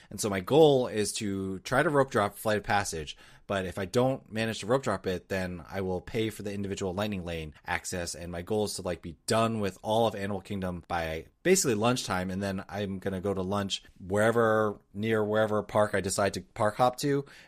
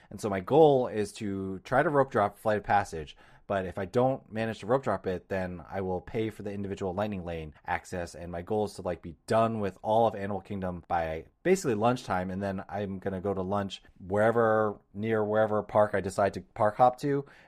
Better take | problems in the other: first | muffled; slightly; fading above 3 kHz

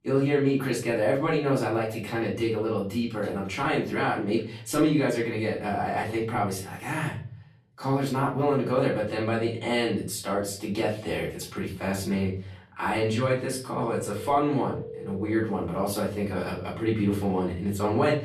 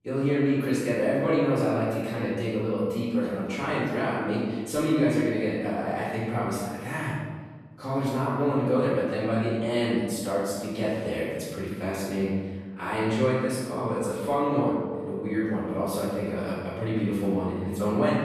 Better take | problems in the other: first | room echo; strong; dies away in 1.4 s; slight in the first // off-mic speech; far; far in the first

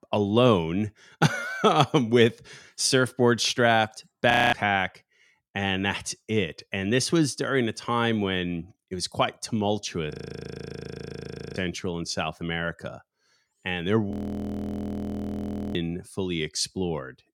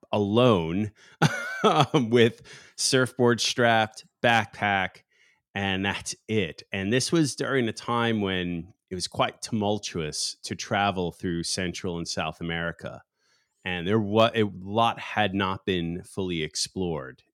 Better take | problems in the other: second | audio freezing; at 4.5 s, at 10 s for 1.5 s and at 14 s for 1.5 s

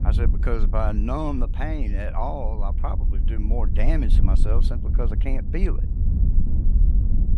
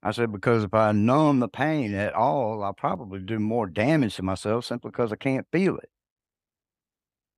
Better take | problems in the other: second | wind noise on the microphone; heavy; 9 dB below the speech

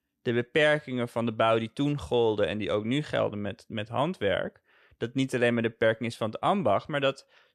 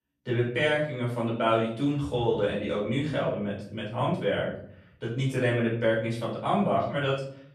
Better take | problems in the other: first | off-mic speech; far // room echo; noticeable; dies away in 0.6 s

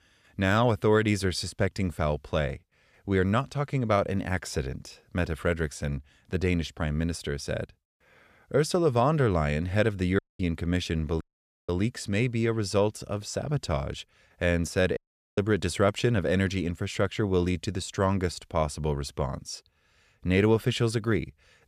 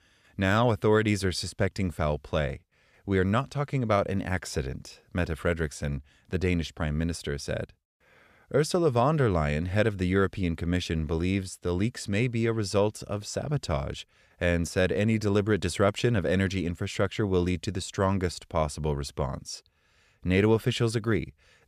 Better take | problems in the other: second | audio cutting out; at 10 s, at 11 s and at 15 s

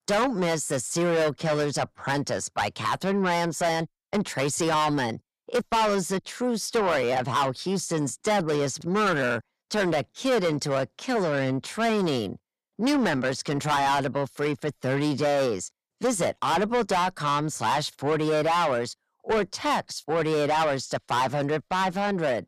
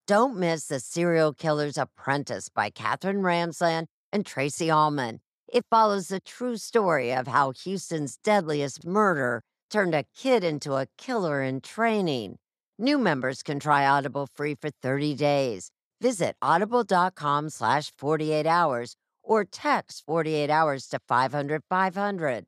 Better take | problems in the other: second | distortion; heavy; 6 dB below the speech

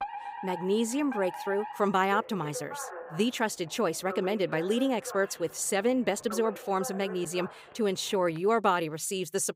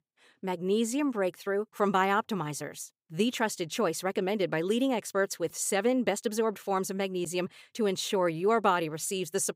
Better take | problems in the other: second | alarm; noticeable; until 8.5 s; peak 8 dB below the speech

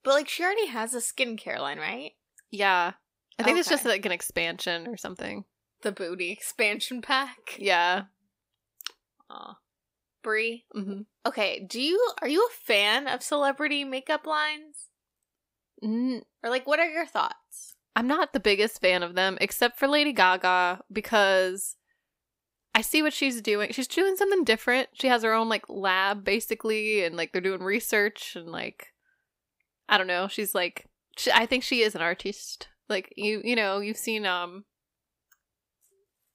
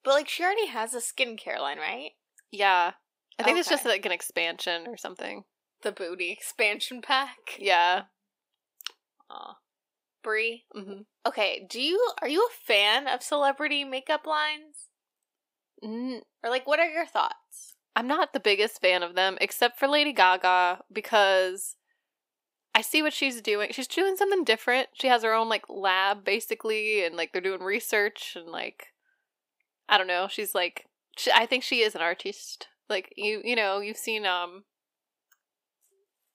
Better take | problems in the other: first | thin; very slightly; fading below 350 Hz

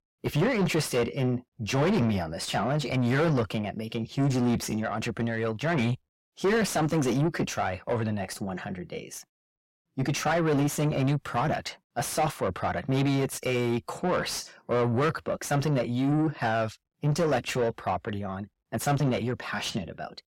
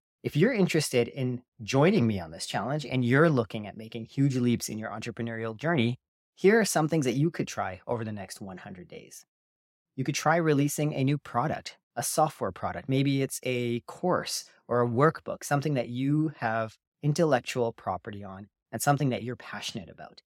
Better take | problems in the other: second | distortion; heavy; 6 dB below the speech

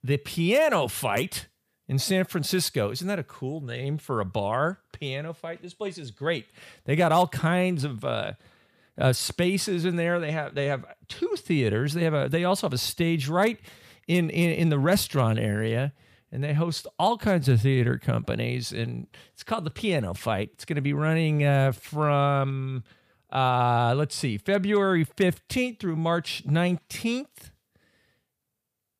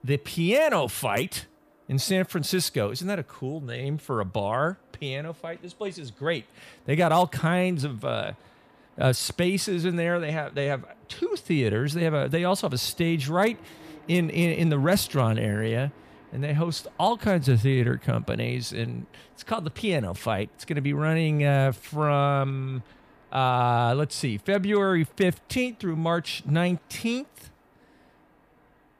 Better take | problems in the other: first | train or aircraft noise; faint; throughout; 30 dB below the speech

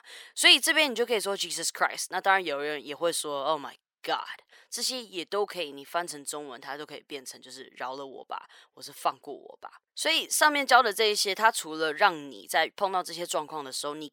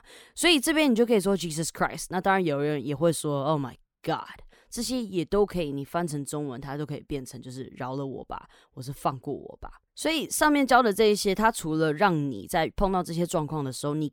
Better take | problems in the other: second | thin; very; fading below 600 Hz

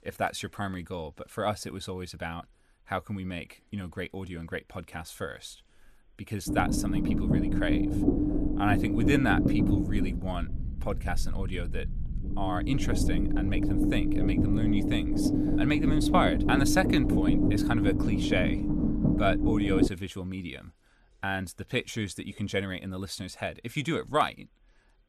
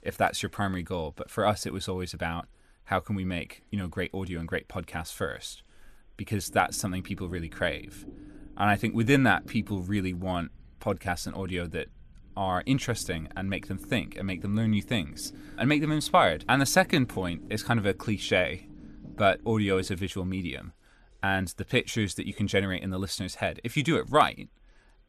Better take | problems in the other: second | low rumble; loud; from 6.5 to 20 s; as loud as the speech; faint in the second

